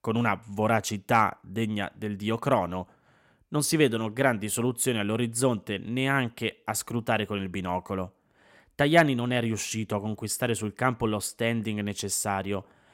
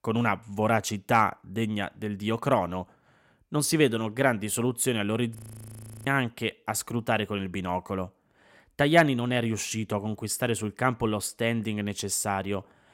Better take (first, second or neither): first